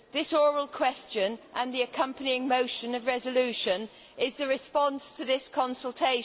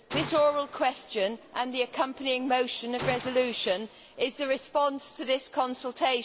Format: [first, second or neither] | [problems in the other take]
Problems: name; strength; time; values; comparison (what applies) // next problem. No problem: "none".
first | background sound (Gunshot, gunfire); 14 dB below the speech